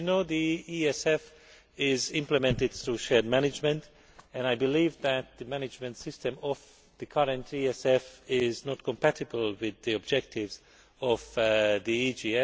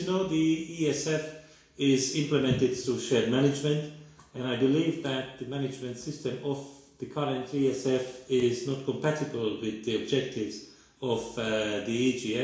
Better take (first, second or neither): first